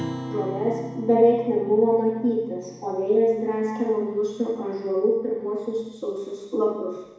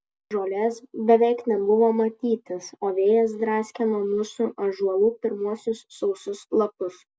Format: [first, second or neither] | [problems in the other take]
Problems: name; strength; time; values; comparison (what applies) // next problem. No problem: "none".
second | background sound (Acoustic guitar); 15 dB below the speech // room echo; dies away in 1.1 s